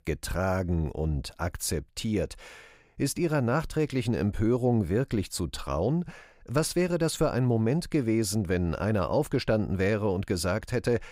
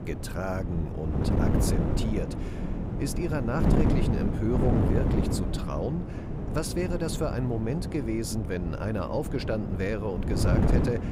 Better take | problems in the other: first | wind noise on the microphone; heavy; 2 dB below the speech

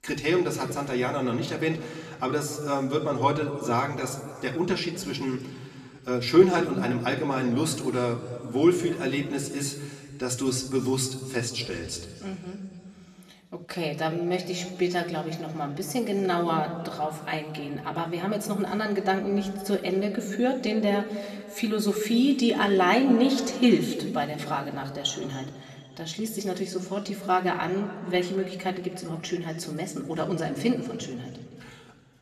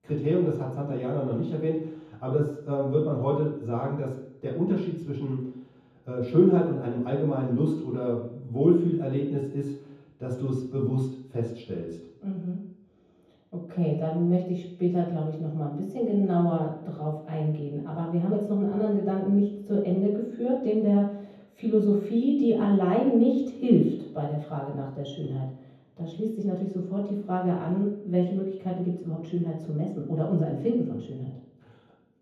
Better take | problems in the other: first | room echo; strong; dies away in 0.9 s; slight in the first // off-mic speech; far; somewhat distant in the first

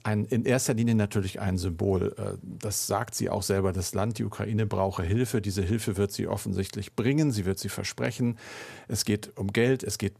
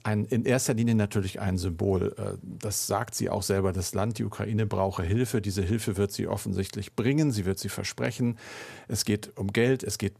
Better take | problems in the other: neither | none

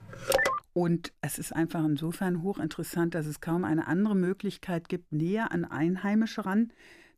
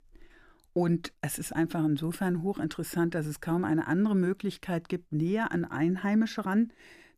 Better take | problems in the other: second | phone ringing; loud; at 0.5 s; peak 4 dB above the speech

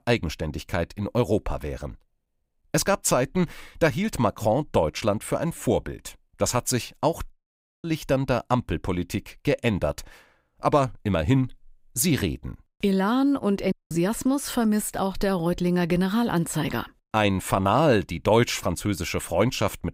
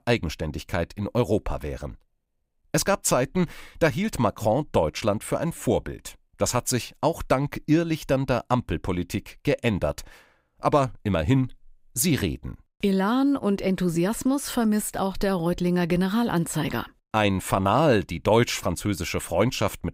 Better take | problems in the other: second | audio cutting out; at 7.5 s for 0.5 s and at 14 s

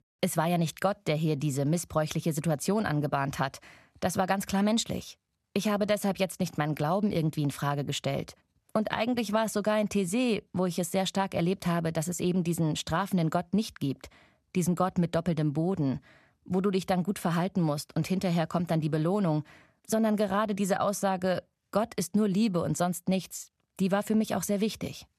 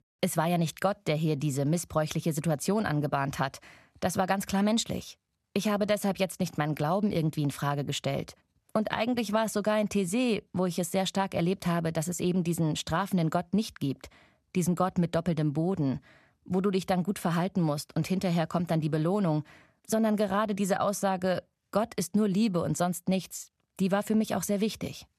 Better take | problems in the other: neither | none

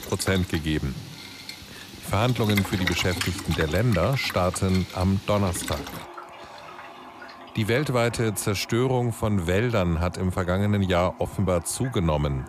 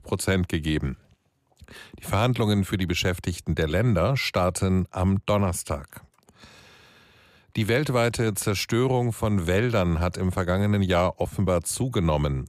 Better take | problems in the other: second | household noises; noticeable; throughout; 10 dB below the speech

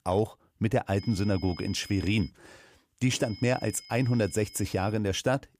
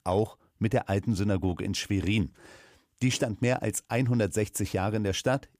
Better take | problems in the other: second | high-pitched whine; noticeable; from 1 to 2.5 s and from 3 to 5 s; 5 kHz, 20 dB below the speech

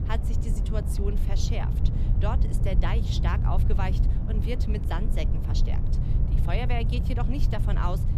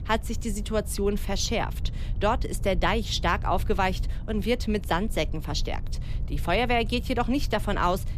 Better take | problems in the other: second | low rumble; loud; throughout; 5 dB below the speech; faint in the second

